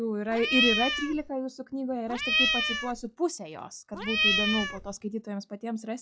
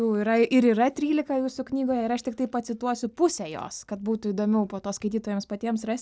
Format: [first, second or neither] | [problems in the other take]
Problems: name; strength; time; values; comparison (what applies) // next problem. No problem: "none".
second | noise reduction (classical method log-MMSE)